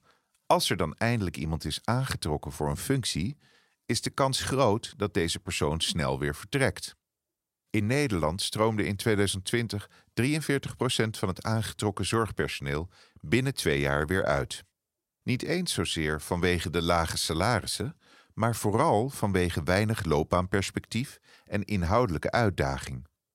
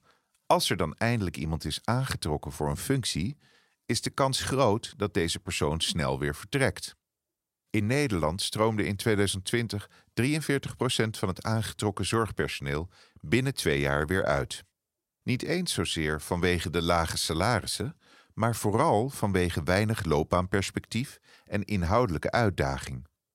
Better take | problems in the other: neither | none

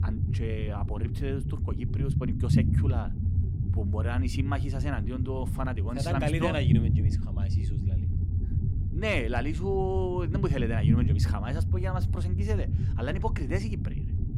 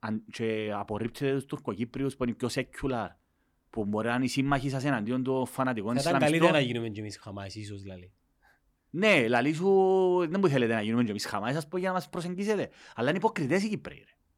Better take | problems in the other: second | low rumble; loud; throughout; 6 dB below the speech

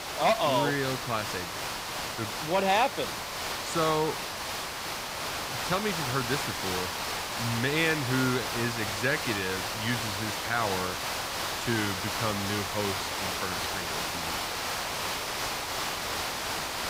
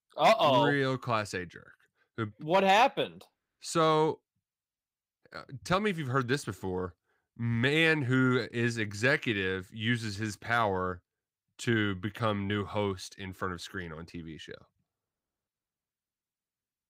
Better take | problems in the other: second | hiss; loud; throughout; 1 dB below the speech

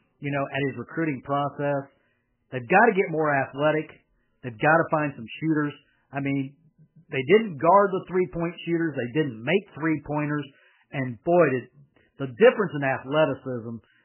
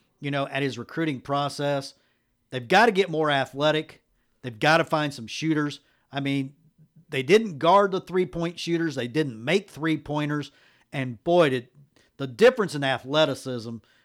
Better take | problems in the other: second | garbled, watery; badly; nothing above 3 kHz

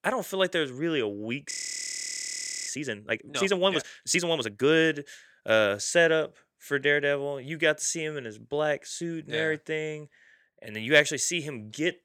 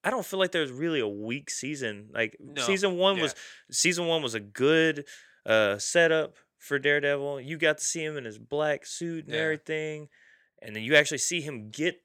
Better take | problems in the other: second | audio freezing; at 1.5 s for 1 s

